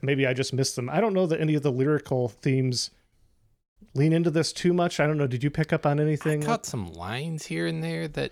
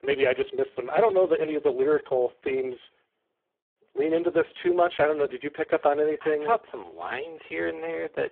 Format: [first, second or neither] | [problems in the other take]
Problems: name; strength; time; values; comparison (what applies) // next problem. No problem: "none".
first | phone-call audio; poor line